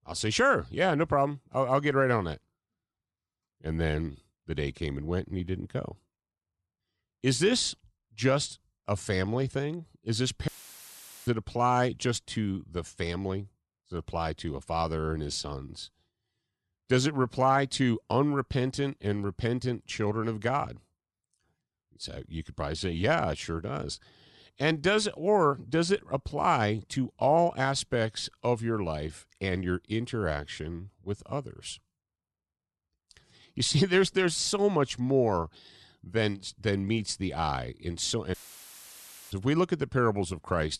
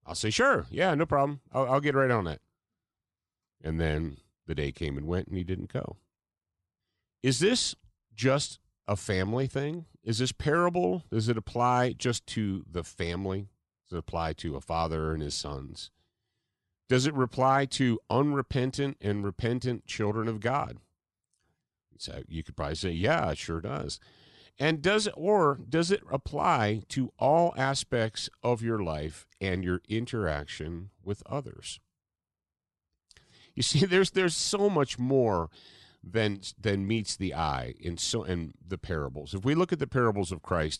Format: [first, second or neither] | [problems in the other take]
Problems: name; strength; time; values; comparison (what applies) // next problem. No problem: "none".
second | audio cutting out; filled with static; at 10 s for 1 s and at 38 s for 1 s